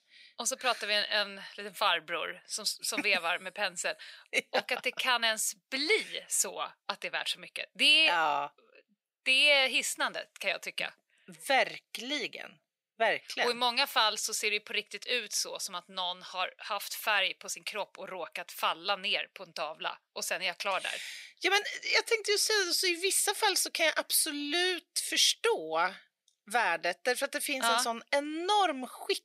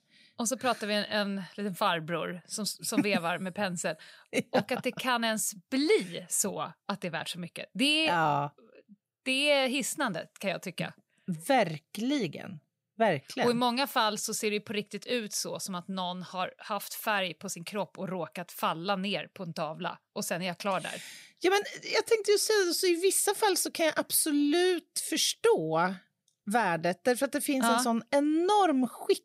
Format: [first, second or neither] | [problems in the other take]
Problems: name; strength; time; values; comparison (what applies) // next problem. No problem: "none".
second | thin; somewhat; fading below 450 Hz